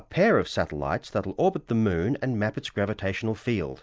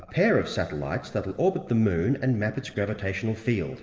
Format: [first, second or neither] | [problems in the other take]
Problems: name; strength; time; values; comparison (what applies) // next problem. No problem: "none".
first | room echo; dies away in 2.4 s